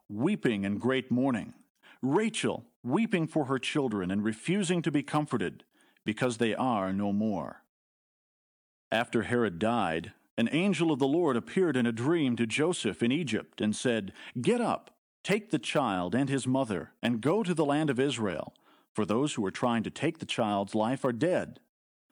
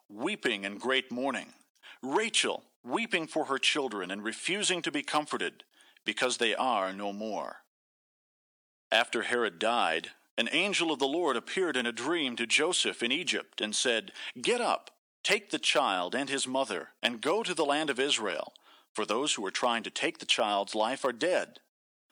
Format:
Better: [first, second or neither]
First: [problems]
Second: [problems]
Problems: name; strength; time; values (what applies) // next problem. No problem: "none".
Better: first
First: none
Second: thin; somewhat; fading below 450 Hz